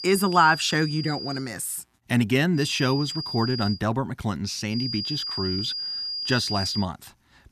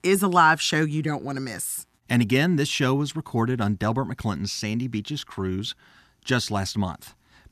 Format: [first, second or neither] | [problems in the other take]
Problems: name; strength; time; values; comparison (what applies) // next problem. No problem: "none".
second | high-pitched whine; loud; until 1.5 s, from 2.5 to 4 s and from 4.5 to 7 s; 5 kHz, 5 dB below the speech